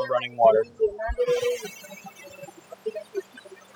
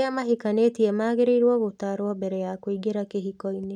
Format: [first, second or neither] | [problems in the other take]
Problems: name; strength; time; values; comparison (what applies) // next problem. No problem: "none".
second | noise reduction (classical method spectral subtraction)